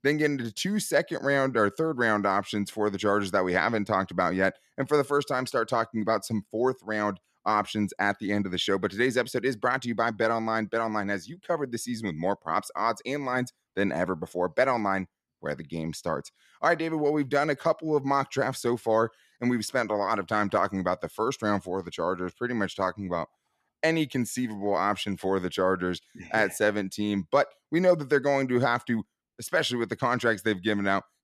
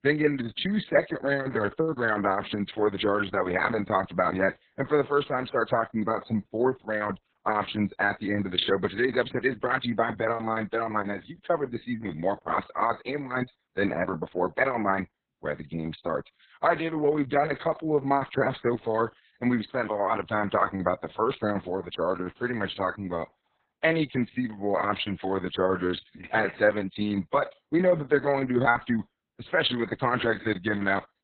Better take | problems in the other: first | garbled, watery; badly; nothing above 4 kHz

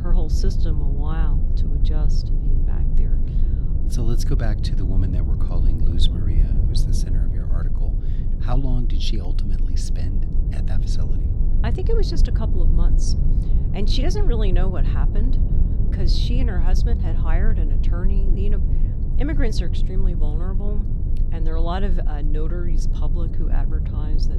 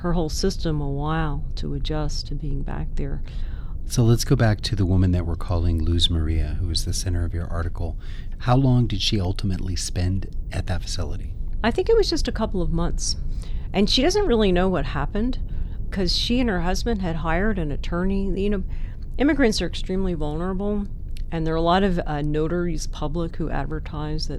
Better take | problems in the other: second | low rumble; loud; throughout; 5 dB below the speech; faint in the second

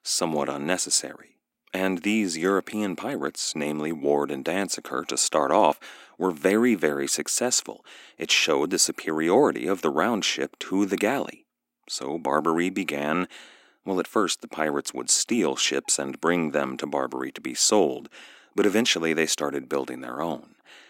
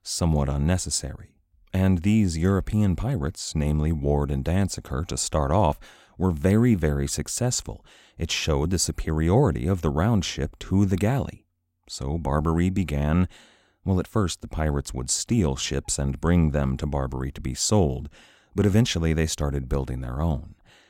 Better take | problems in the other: second | thin; somewhat; fading below 300 Hz

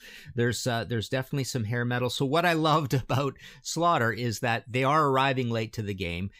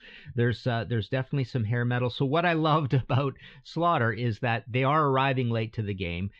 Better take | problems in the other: first | muffled; slightly; fading above 3.5 kHz

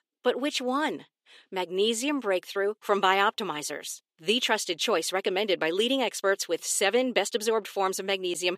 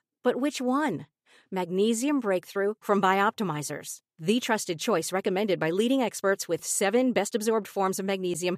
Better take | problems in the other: second | thin; very slightly; fading below 350 Hz

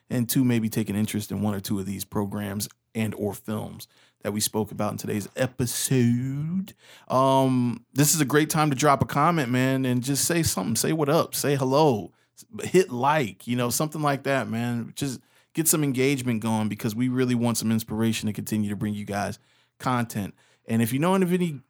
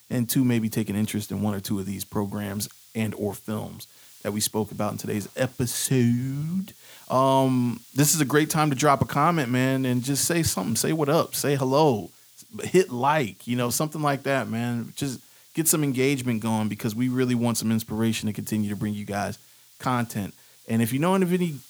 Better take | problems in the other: first | hiss; faint; throughout; 25 dB below the speech

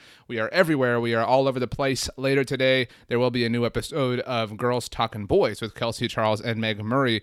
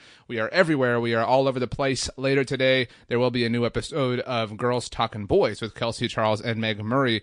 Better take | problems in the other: first | garbled, watery; slightly; nothing above 8.5 kHz

